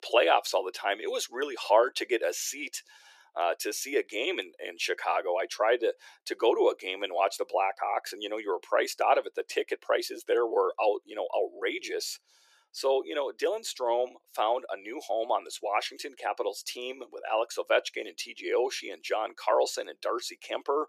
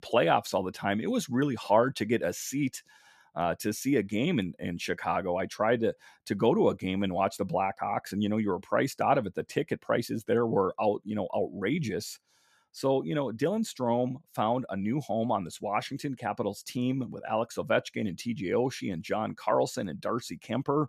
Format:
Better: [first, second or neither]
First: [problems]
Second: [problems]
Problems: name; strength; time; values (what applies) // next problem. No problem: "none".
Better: second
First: thin; very; fading below 350 Hz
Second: none